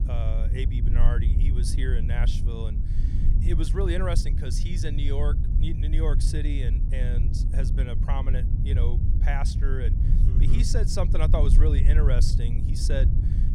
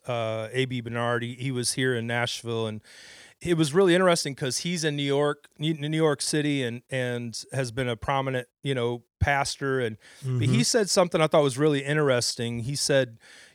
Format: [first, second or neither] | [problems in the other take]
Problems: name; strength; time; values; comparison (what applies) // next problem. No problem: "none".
second | low rumble; loud; throughout; 6 dB below the speech